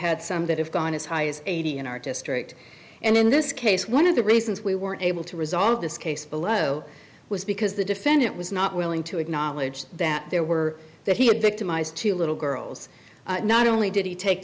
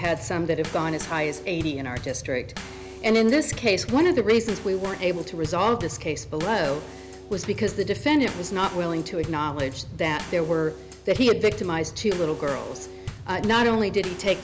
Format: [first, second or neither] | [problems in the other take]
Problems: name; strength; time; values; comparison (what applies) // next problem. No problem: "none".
first | background sound (Bass drum / Snare drum / Drum kit); 13 dB below the speech